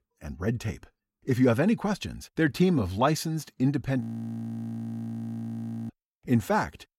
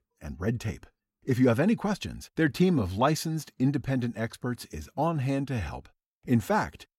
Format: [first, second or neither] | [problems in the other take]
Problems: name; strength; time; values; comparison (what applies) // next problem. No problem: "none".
second | audio freezing; at 4 s for 2 s